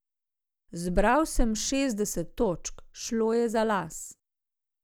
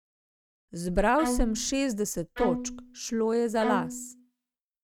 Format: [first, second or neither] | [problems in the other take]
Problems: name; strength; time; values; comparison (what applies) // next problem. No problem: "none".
first | noise reduction (neural mask model RNNoise)